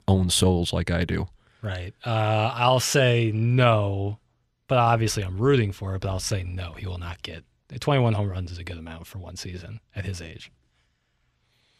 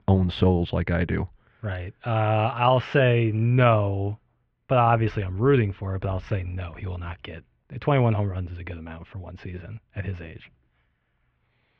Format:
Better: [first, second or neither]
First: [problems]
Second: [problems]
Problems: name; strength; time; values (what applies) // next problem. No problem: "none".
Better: first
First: none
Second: muffled; very; fading above 2.5 kHz